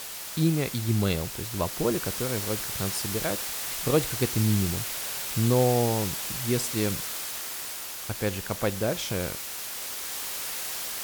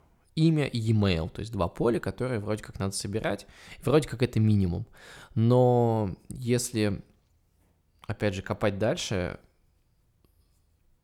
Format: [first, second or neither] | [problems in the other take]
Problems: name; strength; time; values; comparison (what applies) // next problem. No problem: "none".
second | hiss; loud; throughout; 3 dB below the speech